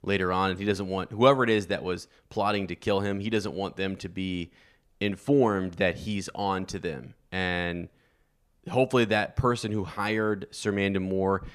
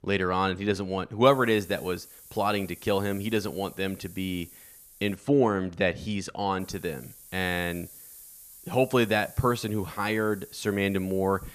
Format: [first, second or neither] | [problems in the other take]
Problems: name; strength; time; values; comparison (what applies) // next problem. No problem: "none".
first | hiss; noticeable; from 1.5 to 5 s and from 6.5 s on; 20 dB below the speech